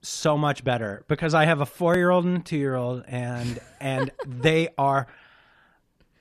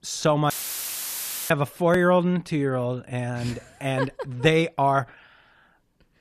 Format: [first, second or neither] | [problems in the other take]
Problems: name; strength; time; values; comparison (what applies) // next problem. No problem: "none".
first | audio cutting out; filled with static; at 0.5 s for 1 s